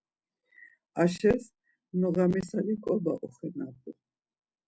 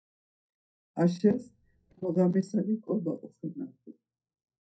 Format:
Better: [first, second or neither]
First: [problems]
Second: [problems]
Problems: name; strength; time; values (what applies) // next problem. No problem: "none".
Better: first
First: none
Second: noise reduction (neural mask model DeepFilterNet 3)